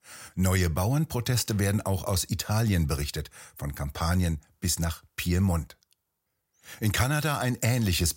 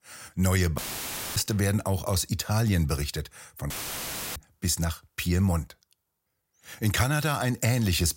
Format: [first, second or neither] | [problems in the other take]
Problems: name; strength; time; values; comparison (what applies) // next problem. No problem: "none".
first | audio cutting out; filled with static; at 1 s for 0.5 s and at 3.5 s for 0.5 s